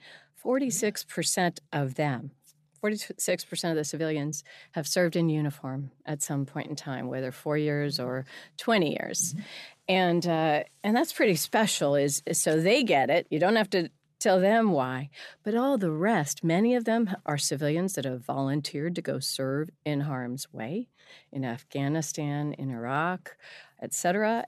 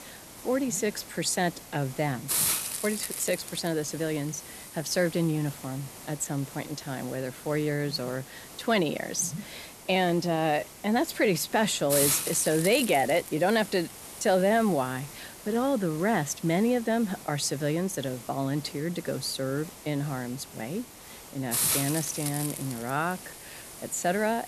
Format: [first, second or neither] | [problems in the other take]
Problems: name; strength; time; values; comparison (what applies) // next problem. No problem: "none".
first | hiss; loud; throughout; 7 dB below the speech